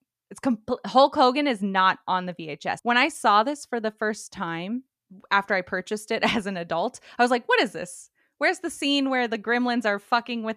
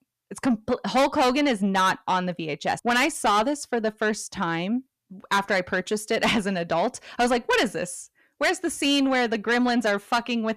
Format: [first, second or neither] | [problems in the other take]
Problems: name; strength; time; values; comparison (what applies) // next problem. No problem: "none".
first | distortion; heavy; 7 dB below the speech